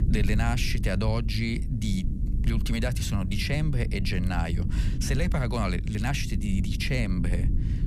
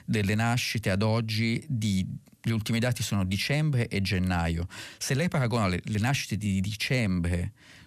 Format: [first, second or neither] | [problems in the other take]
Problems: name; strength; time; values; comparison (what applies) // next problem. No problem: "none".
second | low rumble; noticeable; throughout; 10 dB below the speech